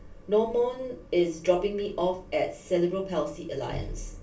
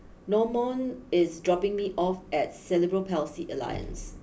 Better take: second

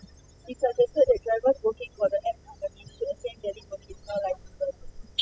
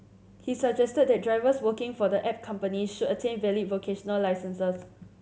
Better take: second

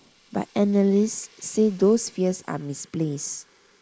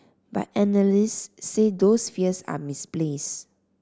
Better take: second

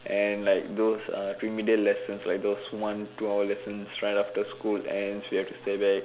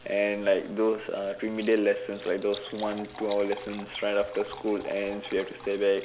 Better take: first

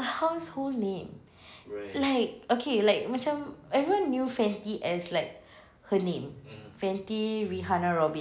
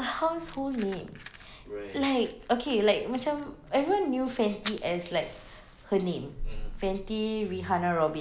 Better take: first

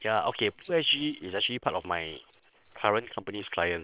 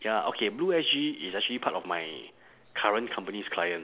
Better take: second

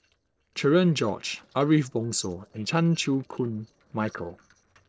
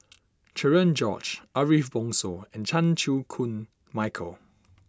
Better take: second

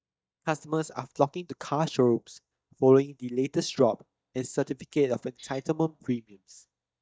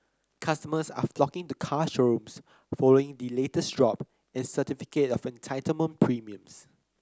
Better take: second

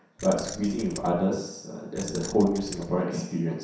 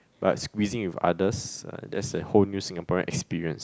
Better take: second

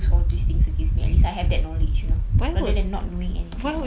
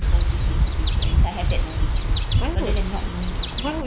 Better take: first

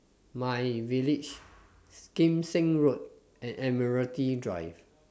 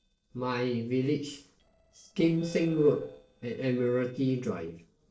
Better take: first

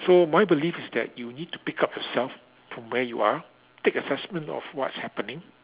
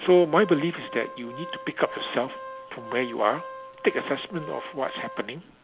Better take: first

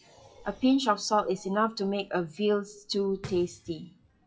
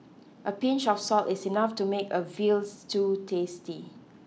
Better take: second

